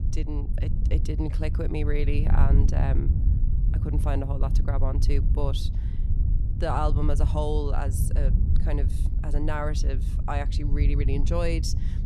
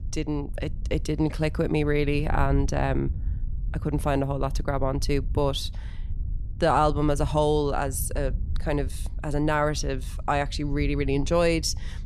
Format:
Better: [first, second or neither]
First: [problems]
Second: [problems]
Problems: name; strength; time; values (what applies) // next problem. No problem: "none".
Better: second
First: wind noise on the microphone; heavy; 9 dB below the speech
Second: wind noise on the microphone; occasional gusts; 25 dB below the speech